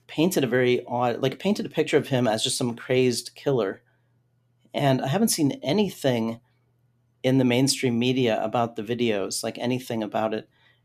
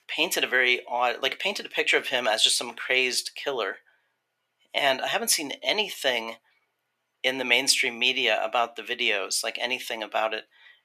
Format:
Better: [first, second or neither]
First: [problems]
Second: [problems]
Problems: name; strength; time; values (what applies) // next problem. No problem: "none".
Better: first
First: none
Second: thin; very; fading below 700 Hz